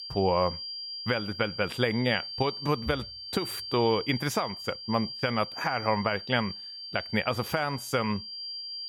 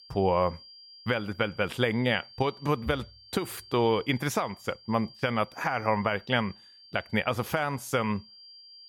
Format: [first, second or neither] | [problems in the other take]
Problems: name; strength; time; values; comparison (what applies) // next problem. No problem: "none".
second | high-pitched whine; loud; throughout; 4.5 kHz, 8 dB below the speech; faint in the second